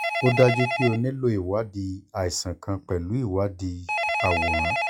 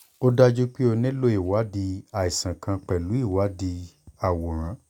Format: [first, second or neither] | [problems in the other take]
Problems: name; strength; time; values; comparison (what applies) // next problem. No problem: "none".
second | noise reduction (classical method log-MMSE)